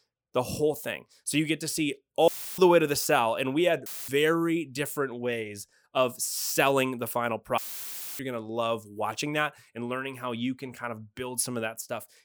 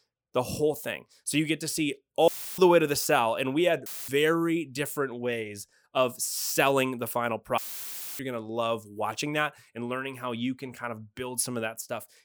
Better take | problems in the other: neither | audio cutting out; filled with static; at 2.5 s, at 4 s and at 7.5 s for 0.5 s; the same in both

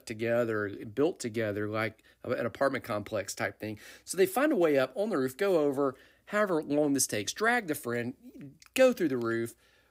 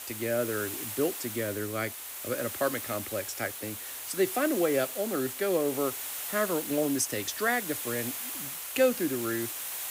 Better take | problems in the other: first | hiss; loud; throughout; 4 dB below the speech

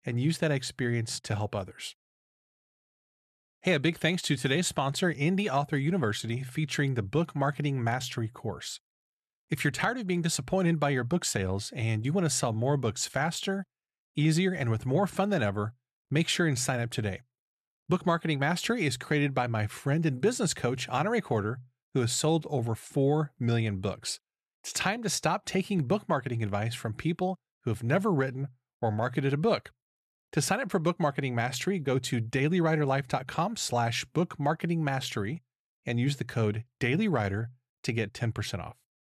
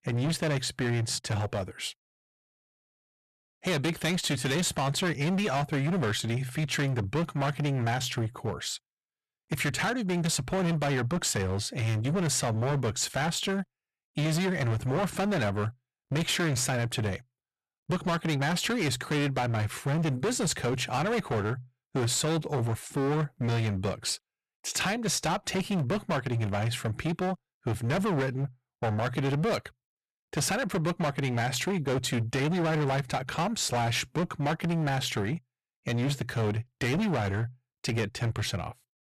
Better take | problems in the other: first | distortion; heavy; 22% of the sound clipped

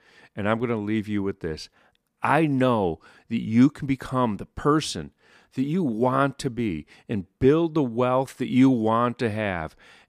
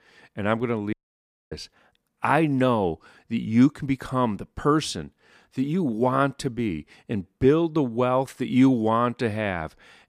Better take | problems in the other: first | audio cutting out; at 1 s for 0.5 s

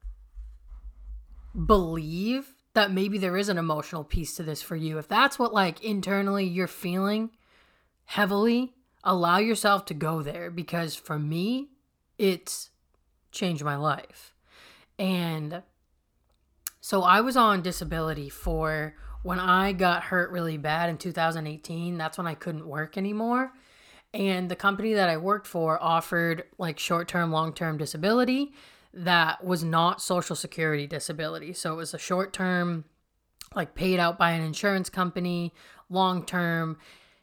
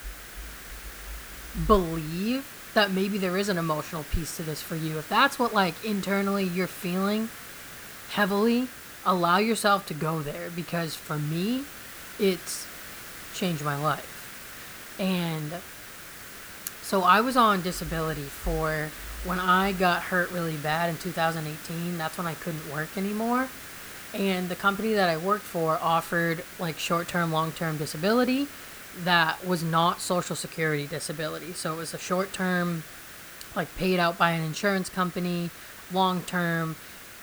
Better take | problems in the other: first | hiss; noticeable; throughout; 15 dB below the speech

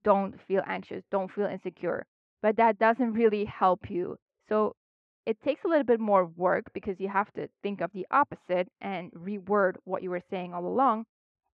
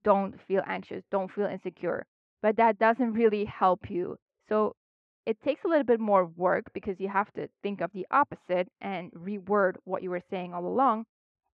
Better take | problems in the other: neither | muffled; very; fading above 2 kHz; the same in both

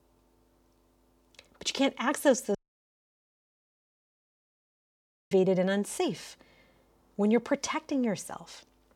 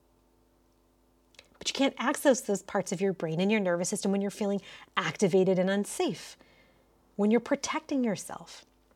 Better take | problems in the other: second | audio cutting out; at 2.5 s for 3 s

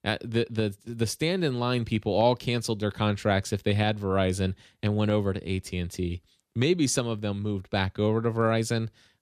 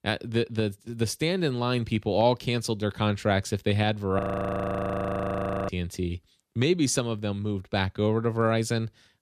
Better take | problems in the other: first | audio freezing; at 4 s for 1.5 s

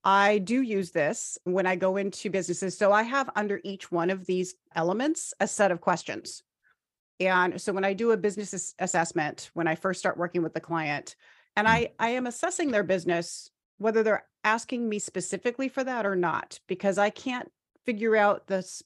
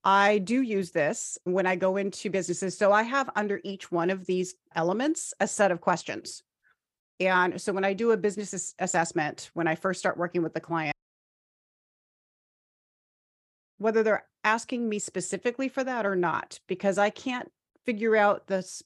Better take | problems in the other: first | audio cutting out; at 11 s for 3 s

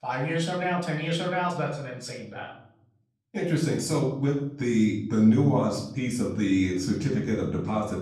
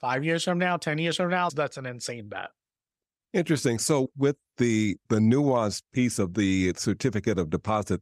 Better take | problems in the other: second | off-mic speech; far // room echo; noticeable; dies away in 0.7 s

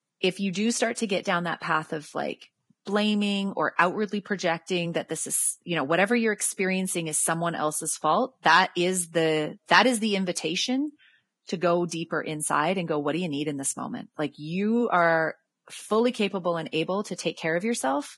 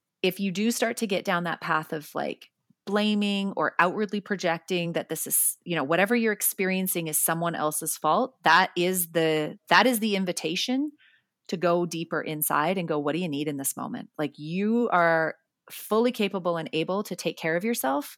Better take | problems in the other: second | garbled, watery; badly; nothing above 11.5 kHz

